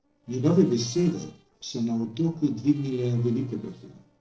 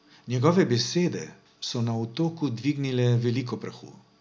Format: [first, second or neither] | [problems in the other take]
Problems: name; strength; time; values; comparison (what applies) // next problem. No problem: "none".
second | noise reduction (neural separator model SepFormer DNS4)